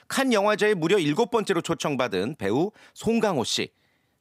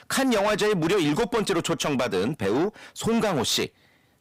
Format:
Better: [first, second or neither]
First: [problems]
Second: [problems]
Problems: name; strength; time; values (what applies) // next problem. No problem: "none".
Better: first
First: none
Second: distortion; heavy; 7 dB below the speech